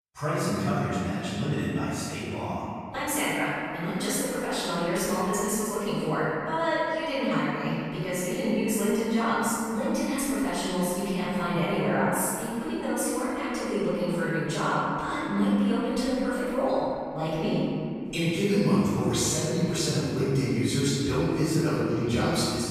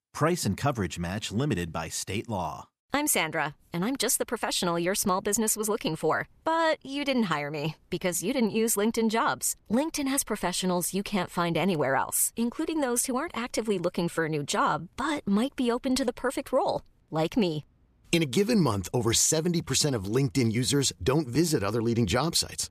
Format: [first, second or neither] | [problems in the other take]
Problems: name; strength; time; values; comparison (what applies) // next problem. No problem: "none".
second | room echo; strong; dies away in 2.3 s // off-mic speech; far